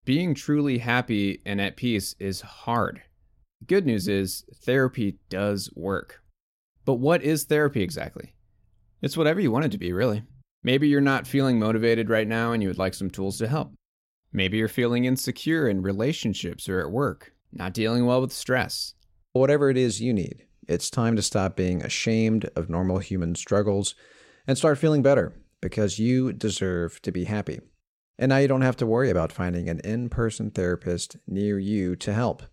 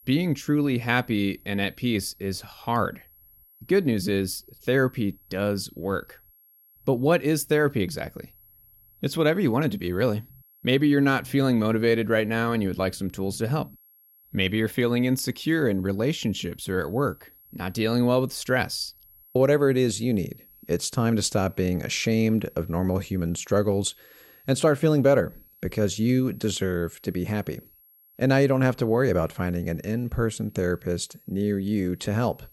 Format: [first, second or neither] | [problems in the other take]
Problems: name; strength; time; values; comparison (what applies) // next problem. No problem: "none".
first | high-pitched whine; faint; throughout; 11.5 kHz, 30 dB below the speech